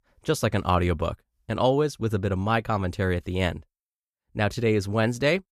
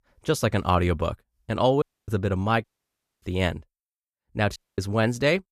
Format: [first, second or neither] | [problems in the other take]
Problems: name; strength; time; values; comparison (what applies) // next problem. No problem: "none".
first | audio cutting out; at 2 s, at 2.5 s for 0.5 s and at 4.5 s